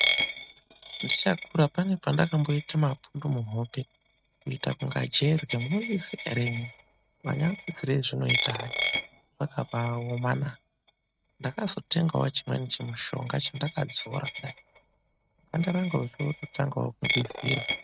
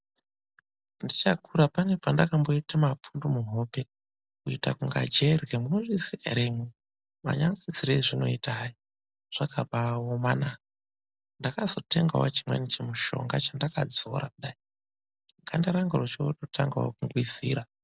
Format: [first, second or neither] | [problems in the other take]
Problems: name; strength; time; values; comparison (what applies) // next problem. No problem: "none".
second | noise reduction (neural mask model RNNoise)